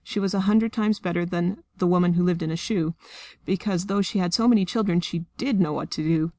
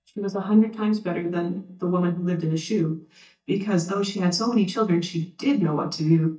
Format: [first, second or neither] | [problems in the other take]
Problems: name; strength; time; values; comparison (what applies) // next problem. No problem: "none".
first | noise reduction (neural mask model DeepFilterNet 3)